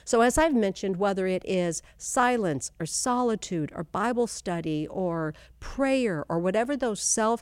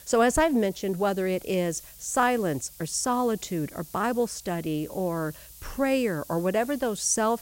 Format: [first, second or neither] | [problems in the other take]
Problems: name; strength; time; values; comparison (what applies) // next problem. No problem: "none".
first | hiss; noticeable; throughout; 20 dB below the speech